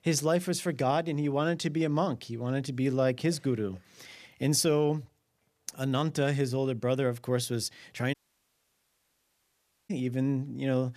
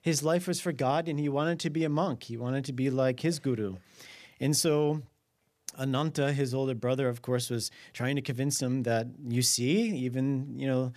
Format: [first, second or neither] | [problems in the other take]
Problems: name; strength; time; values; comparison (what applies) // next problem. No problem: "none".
second | audio cutting out; at 8 s for 2 s